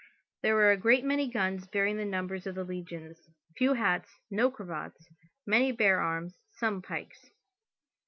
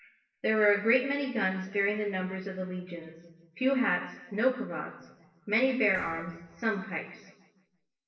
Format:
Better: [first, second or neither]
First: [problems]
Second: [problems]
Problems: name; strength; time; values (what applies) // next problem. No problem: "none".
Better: first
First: none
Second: noise reduction (neural separator model SepFormer DNS4)